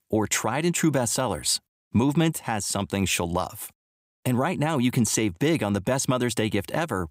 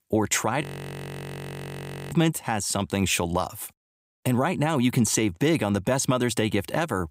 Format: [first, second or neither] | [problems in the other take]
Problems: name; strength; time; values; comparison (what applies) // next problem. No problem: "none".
first | audio freezing; at 0.5 s for 1.5 s